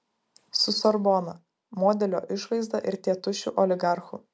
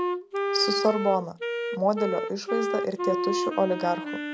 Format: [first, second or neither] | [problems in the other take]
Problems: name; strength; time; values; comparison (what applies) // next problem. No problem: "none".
first | background sound (Wind instrument, woodwind instrument); 2 dB below the speech